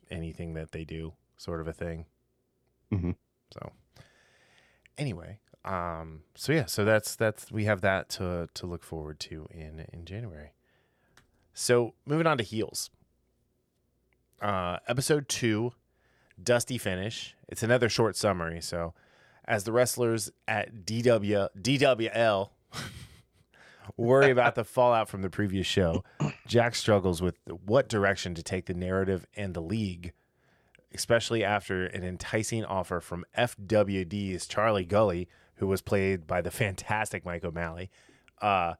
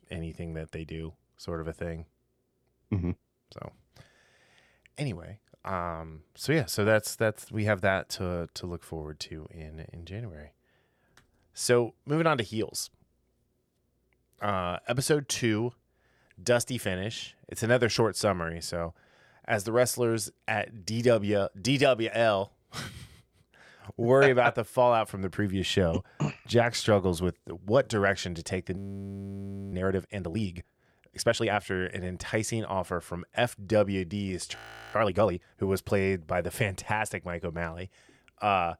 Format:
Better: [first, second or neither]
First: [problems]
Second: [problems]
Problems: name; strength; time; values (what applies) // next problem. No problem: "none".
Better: first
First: none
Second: audio freezing; at 29 s for 1 s and at 35 s